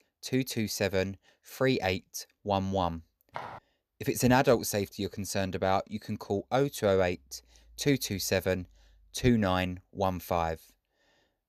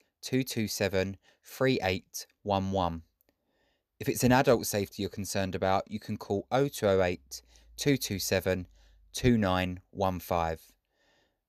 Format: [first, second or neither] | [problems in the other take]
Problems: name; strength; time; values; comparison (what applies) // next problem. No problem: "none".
second | footsteps; faint; at 3.5 s; peak 10 dB below the speech